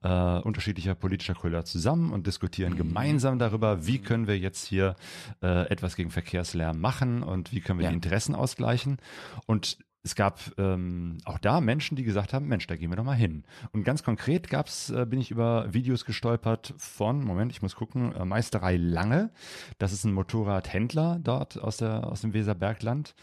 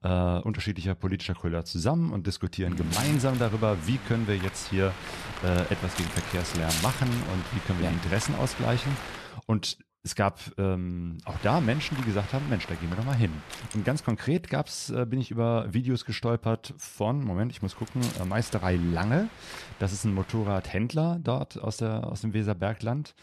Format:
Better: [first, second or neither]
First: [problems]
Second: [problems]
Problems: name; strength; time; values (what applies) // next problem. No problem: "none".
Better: first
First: none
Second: wind noise on the microphone; heavy; from 3 to 9 s, from 11 to 14 s and from 18 to 21 s; 5 dB below the speech